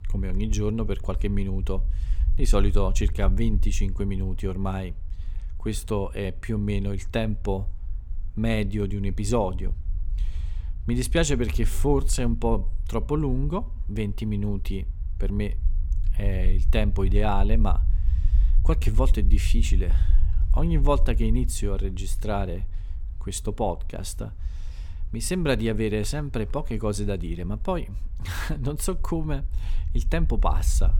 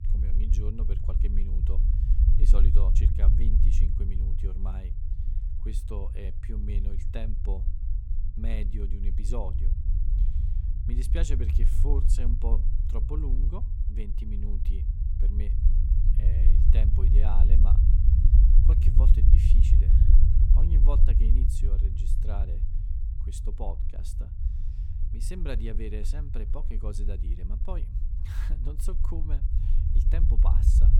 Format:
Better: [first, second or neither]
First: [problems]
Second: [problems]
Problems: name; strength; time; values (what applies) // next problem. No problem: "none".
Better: first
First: low rumble; faint; throughout; 20 dB below the speech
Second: low rumble; loud; throughout; 2 dB below the speech